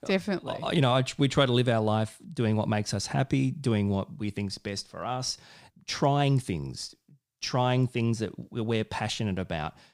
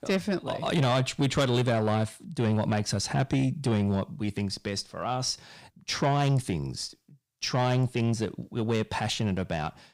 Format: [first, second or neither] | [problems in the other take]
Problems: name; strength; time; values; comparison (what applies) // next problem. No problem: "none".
first | distortion; slight; 10 dB below the speech